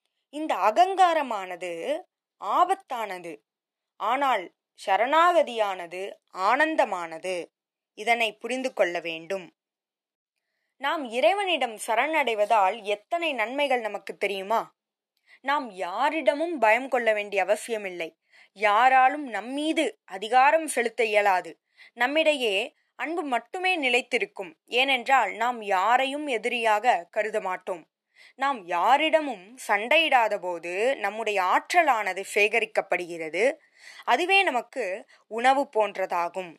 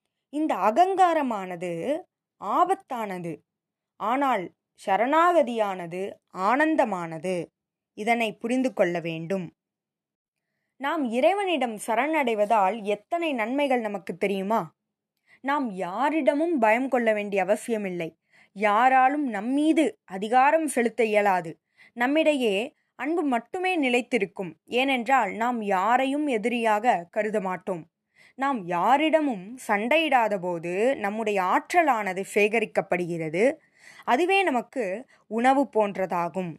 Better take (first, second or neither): second